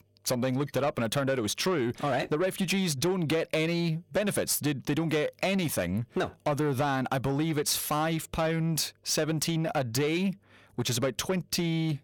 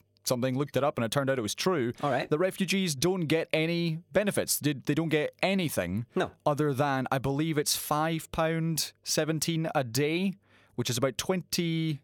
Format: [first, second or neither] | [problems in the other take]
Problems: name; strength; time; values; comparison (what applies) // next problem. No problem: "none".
second | distortion; slight; 10 dB below the speech